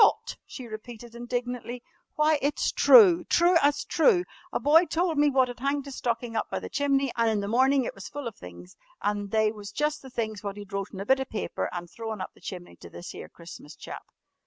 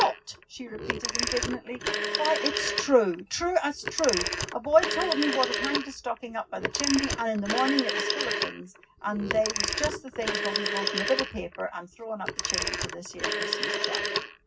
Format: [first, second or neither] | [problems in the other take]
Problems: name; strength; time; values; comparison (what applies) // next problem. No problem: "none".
first | background sound (Telephone); 1 dB below the speech // room echo; dies away in 0.4 s